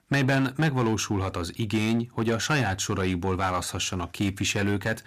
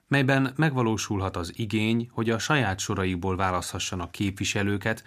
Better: second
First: distortion; slight; 7% of the sound clipped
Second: none

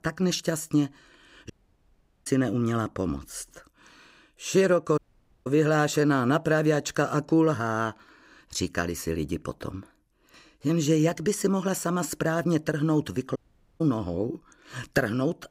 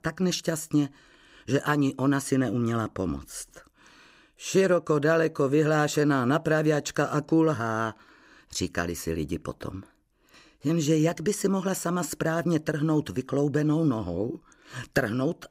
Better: second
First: audio cutting out; at 1.5 s for 1 s, at 5 s and at 13 s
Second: none

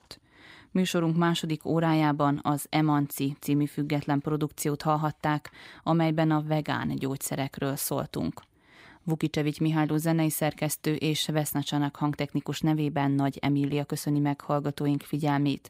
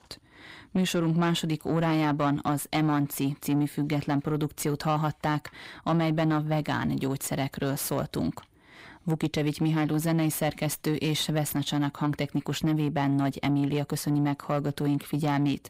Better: first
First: none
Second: distortion; slight; 10 dB below the speech

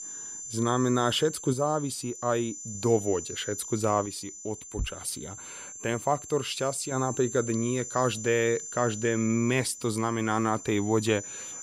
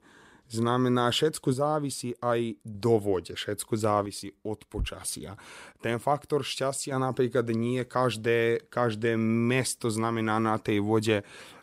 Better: second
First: high-pitched whine; loud; throughout; 7 kHz, 10 dB below the speech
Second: none

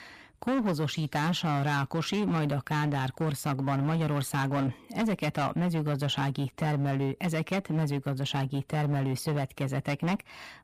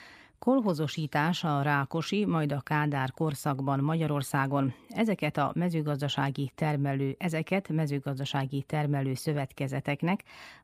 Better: second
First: distortion; slight; 16% of the sound clipped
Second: none

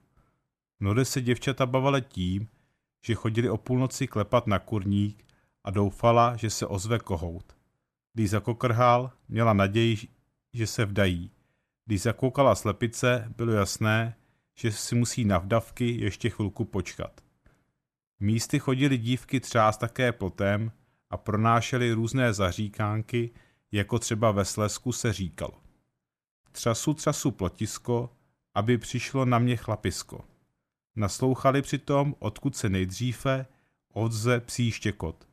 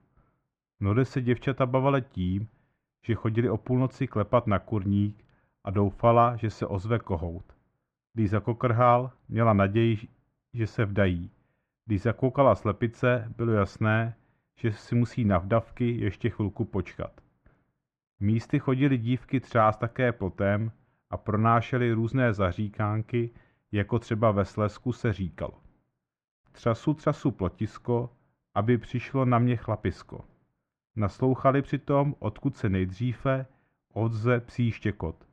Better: first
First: none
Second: muffled; very; fading above 2 kHz

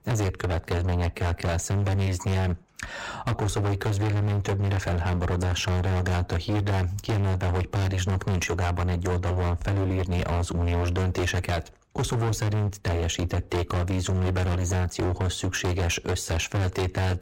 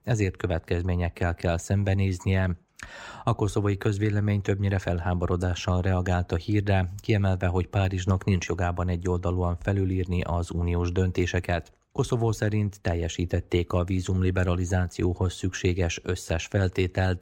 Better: second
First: distortion; heavy; 35% of the sound clipped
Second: none

